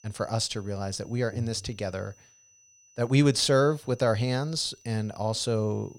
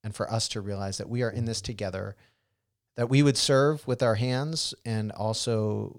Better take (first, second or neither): second